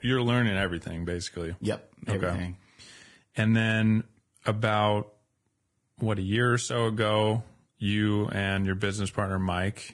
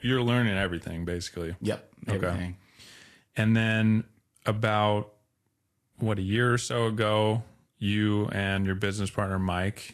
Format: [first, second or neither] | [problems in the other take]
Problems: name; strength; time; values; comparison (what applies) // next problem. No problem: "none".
second | garbled, watery; badly; slightly in the second